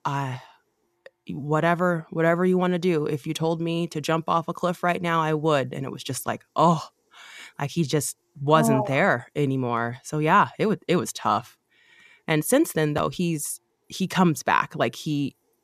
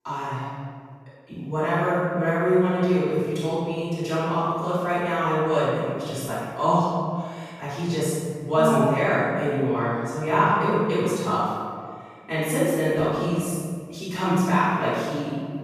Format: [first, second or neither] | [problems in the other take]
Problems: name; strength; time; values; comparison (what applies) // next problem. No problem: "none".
first | off-mic speech; far // room echo; strong; dies away in 1.7 s